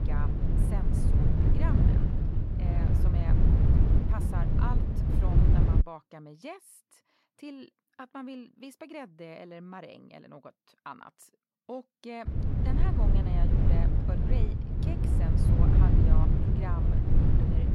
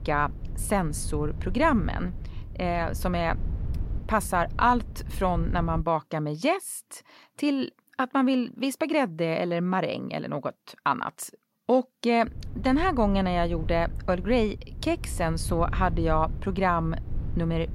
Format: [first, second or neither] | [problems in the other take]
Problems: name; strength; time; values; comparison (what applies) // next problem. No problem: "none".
second | wind noise on the microphone; heavy; until 6 s and from 12 s on; 5 dB above the speech; occasional gusts in the second